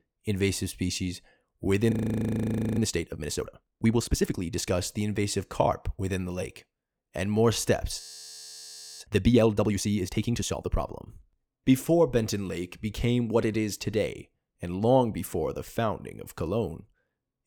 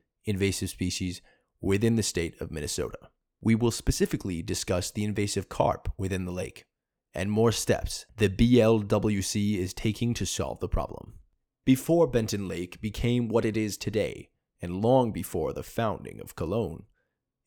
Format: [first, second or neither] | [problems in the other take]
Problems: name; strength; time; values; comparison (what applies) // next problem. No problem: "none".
second | audio freezing; at 2 s for 1 s and at 8 s for 1 s